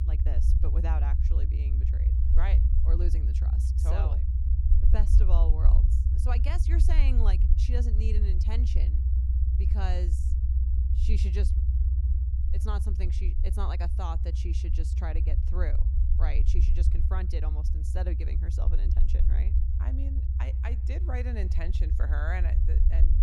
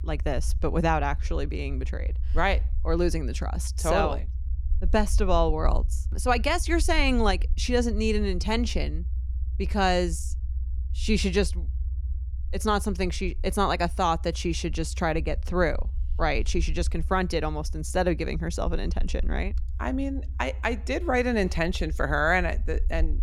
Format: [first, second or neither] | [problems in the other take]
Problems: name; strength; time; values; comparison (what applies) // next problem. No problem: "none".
second | low rumble; loud; throughout; 3 dB below the speech; faint in the second